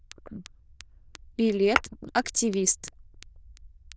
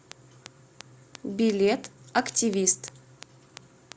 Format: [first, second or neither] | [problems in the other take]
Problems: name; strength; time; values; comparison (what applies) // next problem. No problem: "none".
second | noise reduction (neural diffusion model UNIVERSE++)